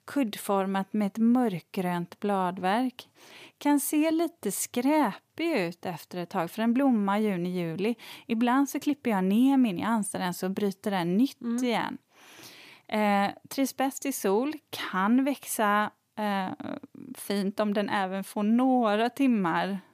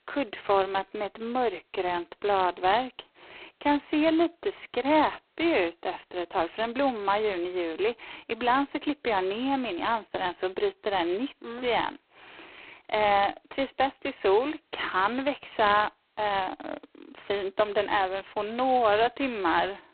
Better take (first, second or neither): first